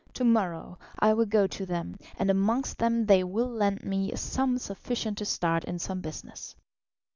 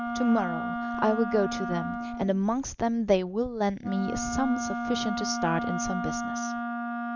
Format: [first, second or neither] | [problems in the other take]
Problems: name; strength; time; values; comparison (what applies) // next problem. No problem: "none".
first | background sound (Wind instrument, woodwind instrument); 4 dB below the speech